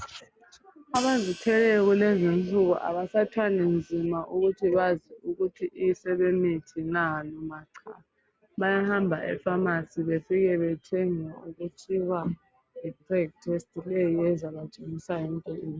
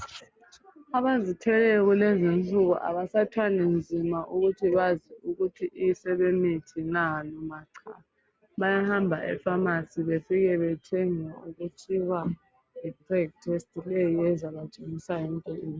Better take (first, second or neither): second